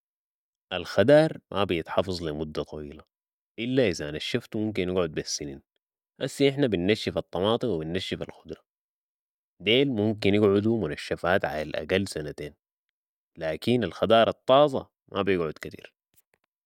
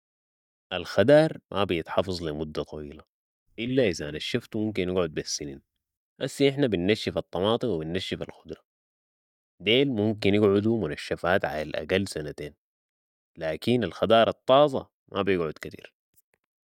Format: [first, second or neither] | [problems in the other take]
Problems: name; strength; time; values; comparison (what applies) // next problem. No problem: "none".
first | noise reduction (neural mask model DeepFilterNet 3)